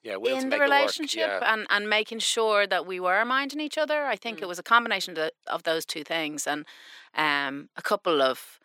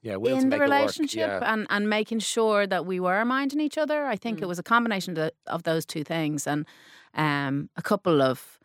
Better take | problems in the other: second | thin; somewhat; fading below 400 Hz

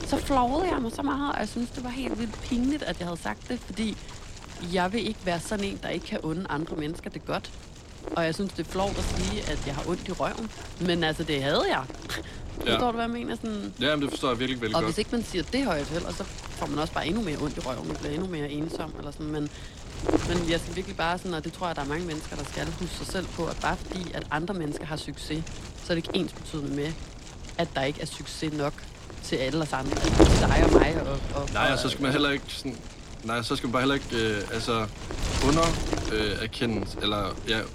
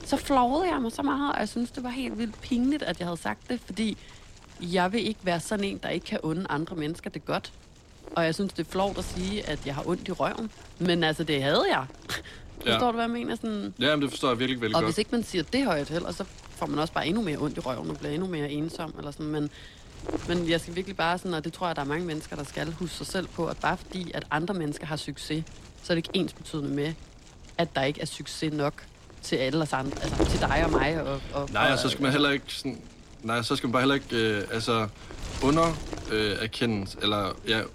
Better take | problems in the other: second | wind noise on the microphone; heavy; 6 dB below the speech; occasional gusts in the second

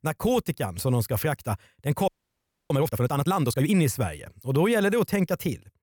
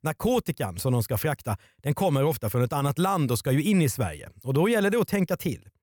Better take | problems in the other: second | audio freezing; at 2 s for 0.5 s

